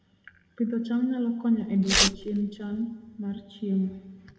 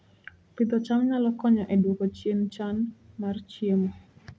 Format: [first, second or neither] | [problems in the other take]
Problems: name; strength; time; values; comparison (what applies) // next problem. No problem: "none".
second | background sound (Tearing); as loud as the speech // room echo; dies away in 1.7 s